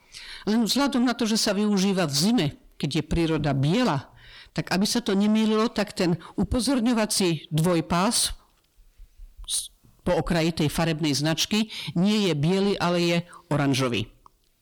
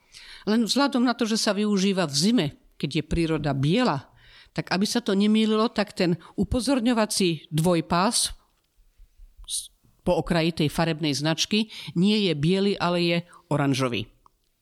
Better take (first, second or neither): second